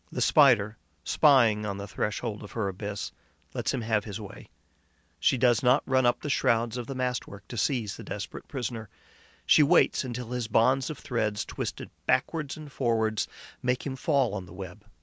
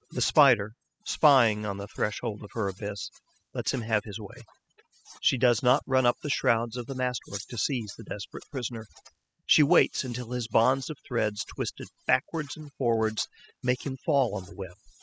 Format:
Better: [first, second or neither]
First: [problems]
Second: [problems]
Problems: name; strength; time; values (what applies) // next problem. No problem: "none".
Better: first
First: none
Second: noise reduction (classical method spectral subtraction)